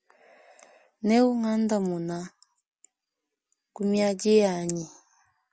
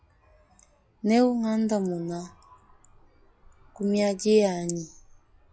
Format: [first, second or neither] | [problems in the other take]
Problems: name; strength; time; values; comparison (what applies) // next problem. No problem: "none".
first | noise reduction (classical method log-MMSE)